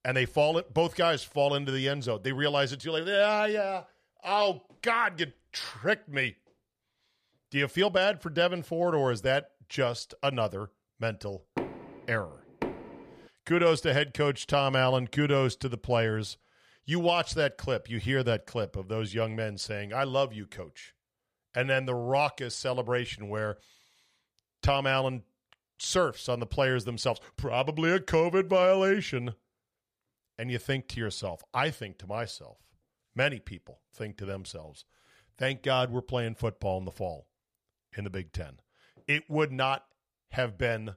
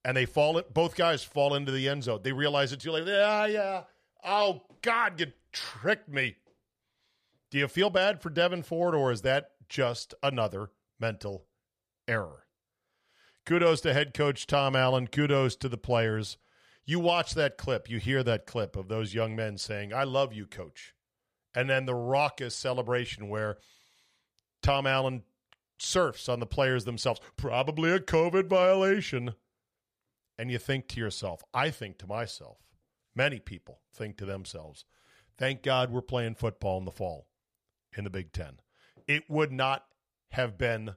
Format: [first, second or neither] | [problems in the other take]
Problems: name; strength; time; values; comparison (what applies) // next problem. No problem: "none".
second | door banging; noticeable; from 12 to 13 s; peak 8 dB below the speech